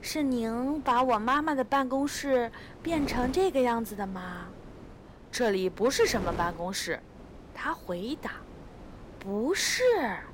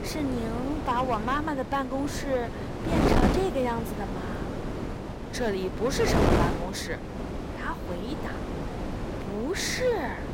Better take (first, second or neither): first